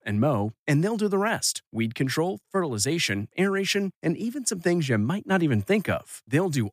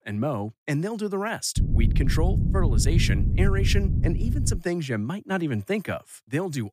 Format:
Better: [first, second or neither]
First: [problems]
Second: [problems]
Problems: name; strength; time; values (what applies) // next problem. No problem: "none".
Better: first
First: none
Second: low rumble; loud; from 1.5 to 4.5 s; 8 dB below the speech